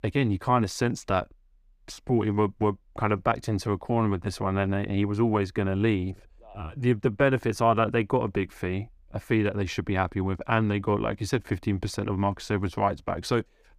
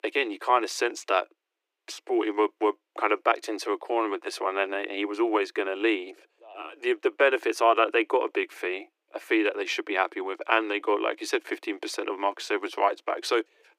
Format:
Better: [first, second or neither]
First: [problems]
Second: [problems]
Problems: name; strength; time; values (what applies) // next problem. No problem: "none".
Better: first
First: none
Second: thin; very; fading below 300 Hz